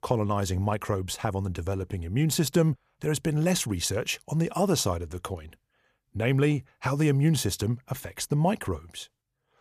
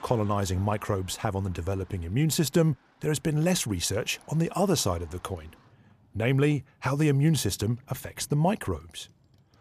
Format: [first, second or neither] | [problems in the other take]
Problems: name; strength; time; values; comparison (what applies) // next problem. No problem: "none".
first | traffic noise; faint; throughout; 30 dB below the speech